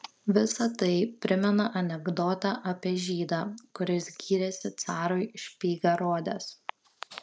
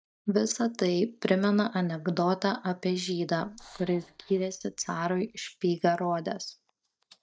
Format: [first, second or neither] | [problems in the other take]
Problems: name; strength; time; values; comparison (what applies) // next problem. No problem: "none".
first | noise reduction (neural mask model DeepFilterNet 3)